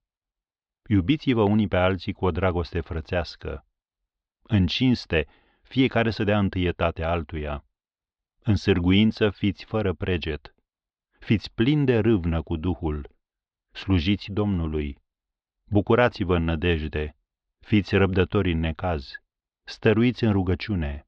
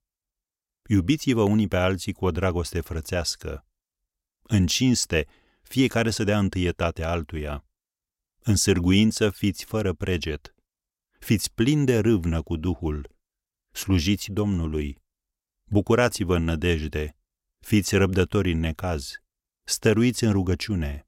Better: second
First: muffled; slightly; fading above 4 kHz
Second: none

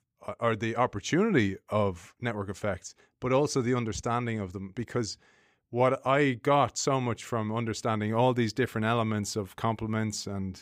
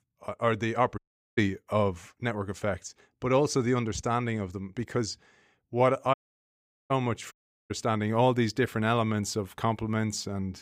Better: first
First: none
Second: audio cutting out; at 1 s, at 6 s for 1 s and at 7.5 s

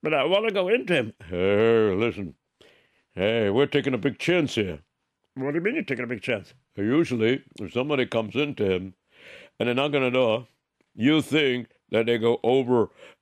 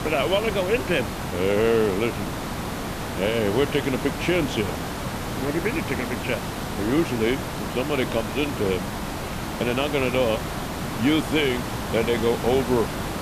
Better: first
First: none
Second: hiss; loud; throughout; 5 dB below the speech

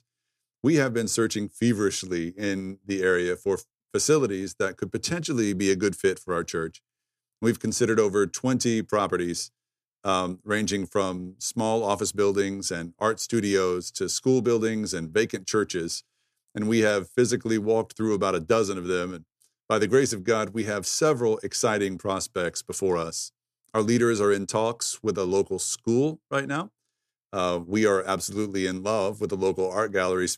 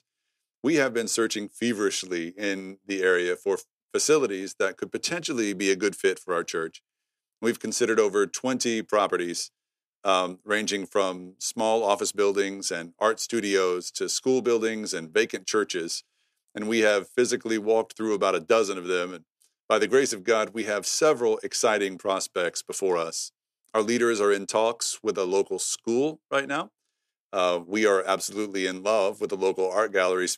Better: first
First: none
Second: thin; very slightly; fading below 250 Hz

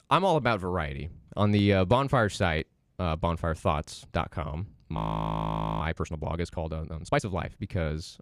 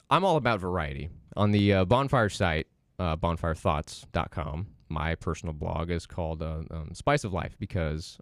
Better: second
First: audio freezing; at 5 s for 1 s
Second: none

